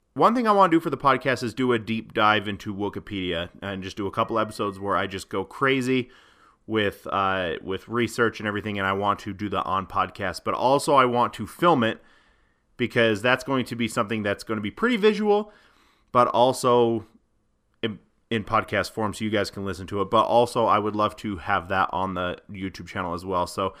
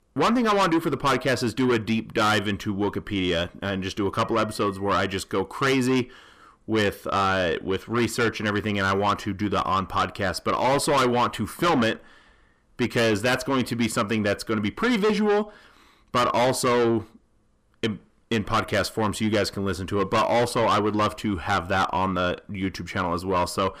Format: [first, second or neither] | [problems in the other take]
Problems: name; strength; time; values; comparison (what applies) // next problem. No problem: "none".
first | distortion; heavy; 6 dB below the speech